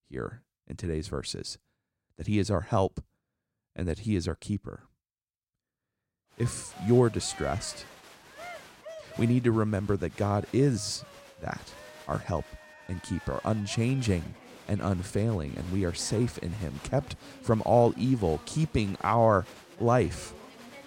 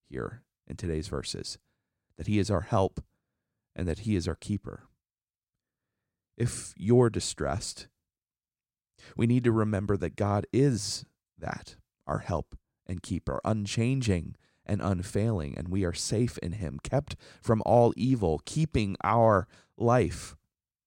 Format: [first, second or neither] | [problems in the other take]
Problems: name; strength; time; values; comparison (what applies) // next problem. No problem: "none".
second | crowd noise; noticeable; from 6.5 s on; 20 dB below the speech